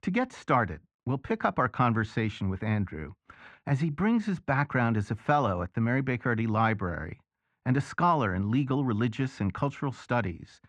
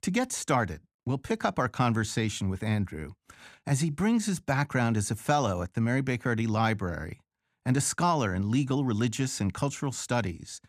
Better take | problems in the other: second | muffled; very; fading above 2 kHz

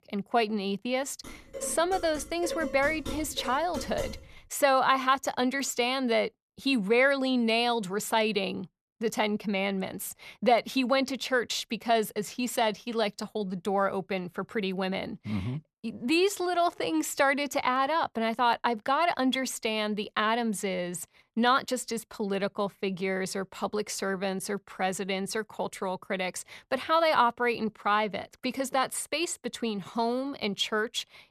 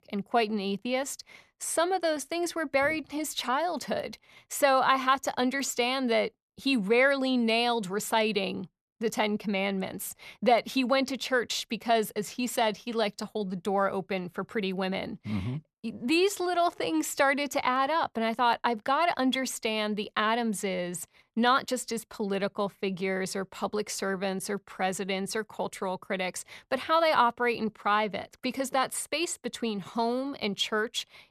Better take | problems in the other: second | clattering dishes; noticeable; from 1 to 4.5 s; peak 8 dB below the speech

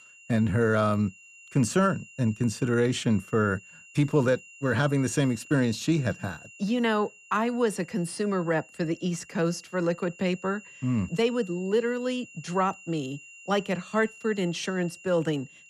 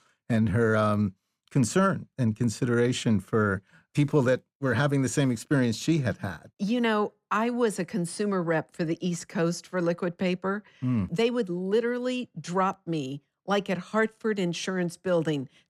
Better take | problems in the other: second | high-pitched whine; faint; throughout; 3 kHz, 20 dB below the speech

